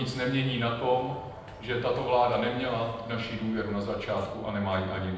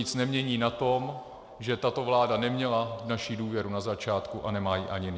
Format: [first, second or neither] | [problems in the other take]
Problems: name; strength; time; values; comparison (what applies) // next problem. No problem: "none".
second | background sound (Sliding door); 18 dB below the speech // room echo; dies away in 0.8 s